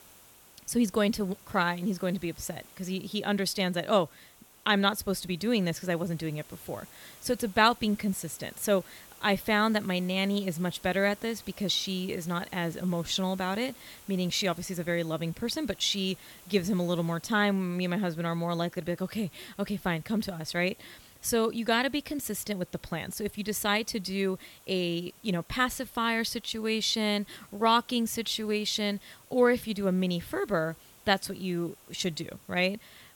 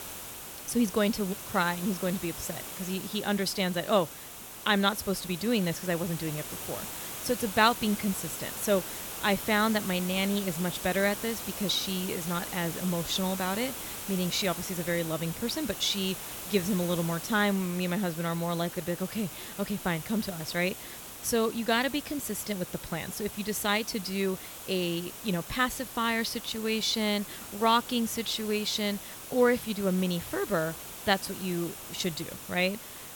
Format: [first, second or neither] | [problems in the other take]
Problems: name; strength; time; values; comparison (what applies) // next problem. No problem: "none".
first | hiss; loud; throughout; 9 dB below the speech; faint in the first